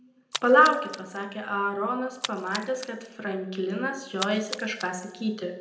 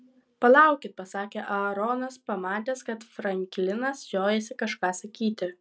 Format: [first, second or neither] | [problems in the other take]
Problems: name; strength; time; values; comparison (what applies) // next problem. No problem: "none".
second | background sound (Splash, splatter); 12 dB below the speech // room echo; dies away in 0.7 s